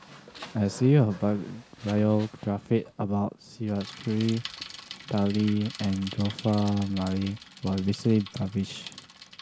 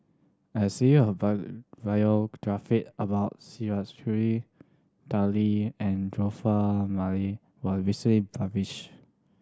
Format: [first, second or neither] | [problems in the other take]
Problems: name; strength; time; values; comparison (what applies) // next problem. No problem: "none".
second | background sound (Bicycle); 17 dB below the speech